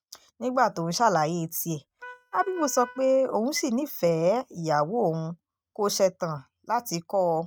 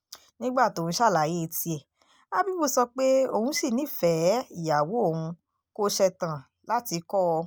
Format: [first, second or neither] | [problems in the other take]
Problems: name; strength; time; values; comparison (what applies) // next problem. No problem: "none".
second | noise reduction (neural mask model RNNoise)